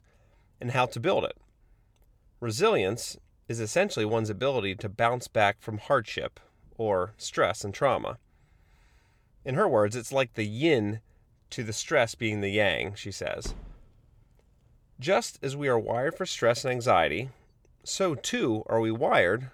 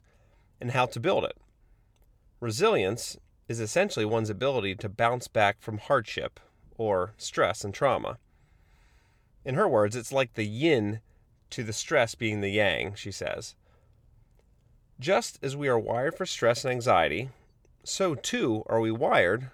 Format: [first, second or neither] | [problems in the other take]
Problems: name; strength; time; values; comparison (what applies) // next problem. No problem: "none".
second | door banging; faint; at 13 s; peak 15 dB below the speech